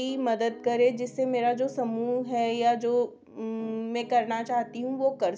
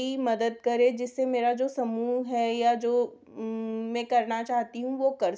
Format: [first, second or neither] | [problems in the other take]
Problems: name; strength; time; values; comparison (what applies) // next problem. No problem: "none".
second | background sound (Piano); 20 dB below the speech